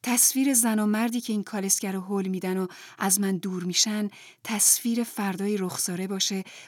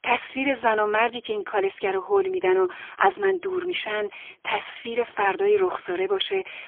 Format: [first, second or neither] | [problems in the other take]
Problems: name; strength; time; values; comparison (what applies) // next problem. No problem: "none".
first | phone-call audio; poor line; nothing above 3.5 kHz